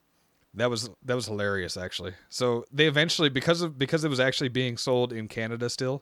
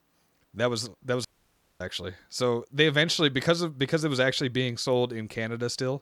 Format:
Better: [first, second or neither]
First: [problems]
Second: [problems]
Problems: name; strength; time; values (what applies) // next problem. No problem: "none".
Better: first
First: none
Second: audio cutting out; at 1.5 s for 0.5 s